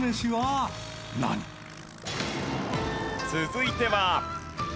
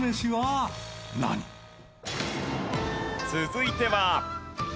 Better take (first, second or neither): second